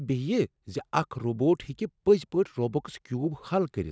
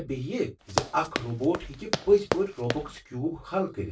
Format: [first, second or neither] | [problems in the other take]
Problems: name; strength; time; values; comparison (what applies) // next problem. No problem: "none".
first | background sound (Run); 5 dB below the speech // room echo; dies away in 0.2 s